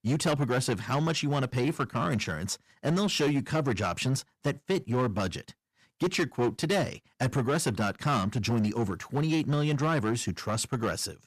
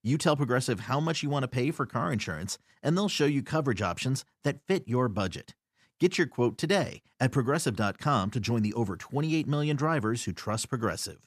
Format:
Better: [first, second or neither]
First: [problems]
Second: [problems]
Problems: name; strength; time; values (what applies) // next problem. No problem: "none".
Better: second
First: distortion; slight; 9% of the sound clipped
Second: none